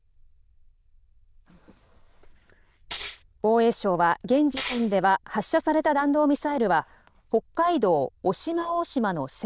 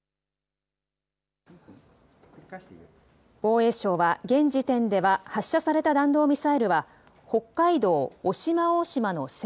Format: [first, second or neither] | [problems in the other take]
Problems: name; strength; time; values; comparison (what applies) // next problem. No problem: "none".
second | noise reduction (neural diffusion model UNIVERSE++)